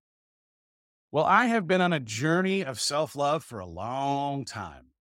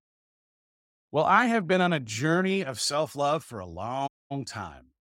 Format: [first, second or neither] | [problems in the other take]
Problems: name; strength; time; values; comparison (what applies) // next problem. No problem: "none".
first | audio cutting out; at 4 s